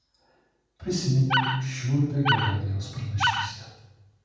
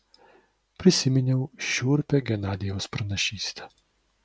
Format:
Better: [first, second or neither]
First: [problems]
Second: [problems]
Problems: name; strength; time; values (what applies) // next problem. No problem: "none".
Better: second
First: background sound (Animal); as loud as the speech // room echo; dies away in 1.2 s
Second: none